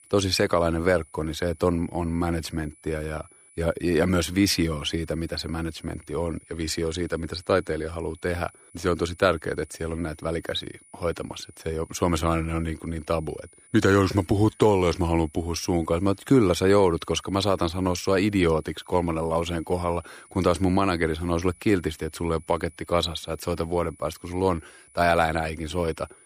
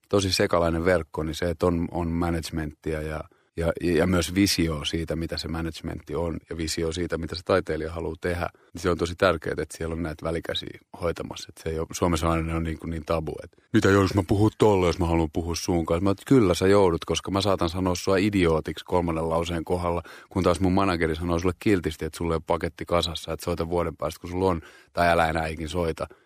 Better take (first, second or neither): second